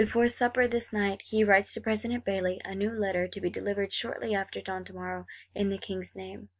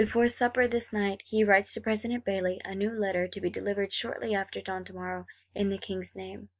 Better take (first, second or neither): first